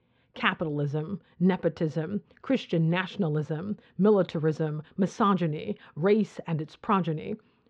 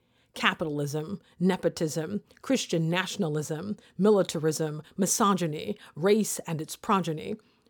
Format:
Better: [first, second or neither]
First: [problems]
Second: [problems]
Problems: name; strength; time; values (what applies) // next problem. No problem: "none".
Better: second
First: muffled; very; fading above 3 kHz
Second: none